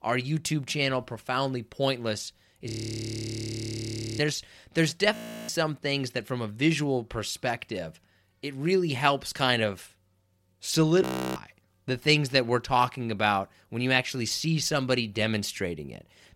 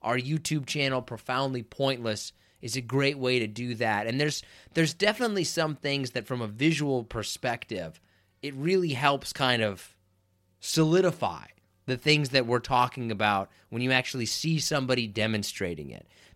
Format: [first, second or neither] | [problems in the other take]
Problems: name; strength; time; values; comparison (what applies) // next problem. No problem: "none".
second | audio freezing; at 2.5 s for 1.5 s, at 5 s and at 11 s